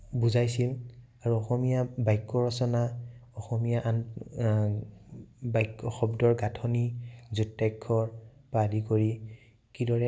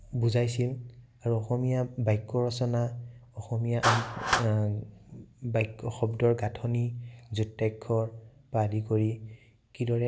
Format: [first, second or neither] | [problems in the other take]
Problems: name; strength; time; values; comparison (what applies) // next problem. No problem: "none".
first | background sound (Clapping); 10 dB below the speech